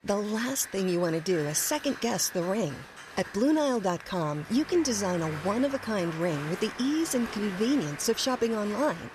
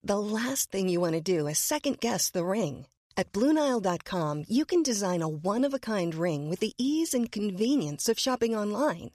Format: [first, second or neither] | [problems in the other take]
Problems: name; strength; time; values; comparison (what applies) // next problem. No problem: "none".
second | crowd noise; noticeable; throughout; 15 dB below the speech